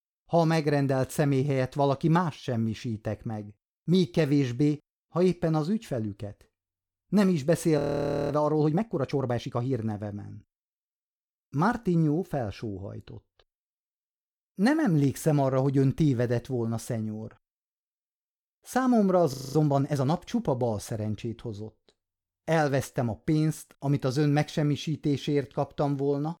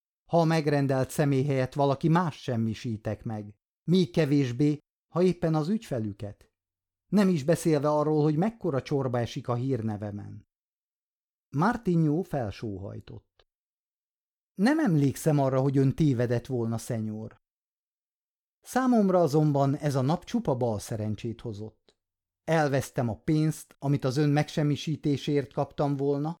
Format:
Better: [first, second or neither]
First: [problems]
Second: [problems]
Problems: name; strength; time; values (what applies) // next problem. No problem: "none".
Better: second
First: audio freezing; at 8 s for 0.5 s and at 19 s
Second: none